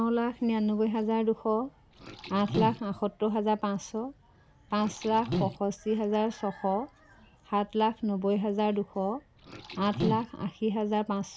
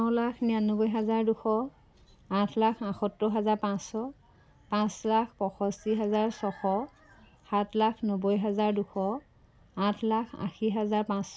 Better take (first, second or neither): second